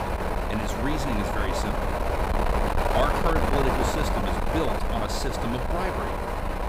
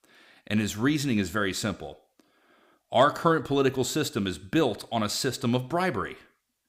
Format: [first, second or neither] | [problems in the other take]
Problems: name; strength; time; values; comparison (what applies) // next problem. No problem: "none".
second | wind noise on the microphone; heavy; 4 dB above the speech